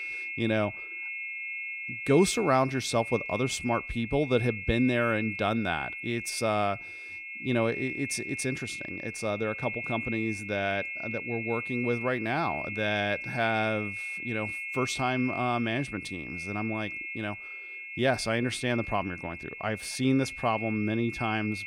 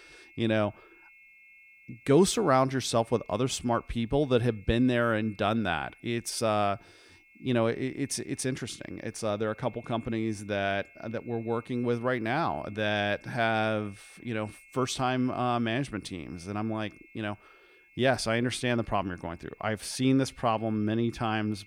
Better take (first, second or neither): second